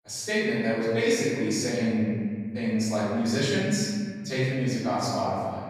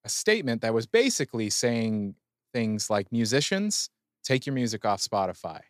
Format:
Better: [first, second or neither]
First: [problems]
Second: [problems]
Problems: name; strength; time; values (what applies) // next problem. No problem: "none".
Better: second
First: room echo; strong; dies away in 2.1 s // off-mic speech; far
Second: none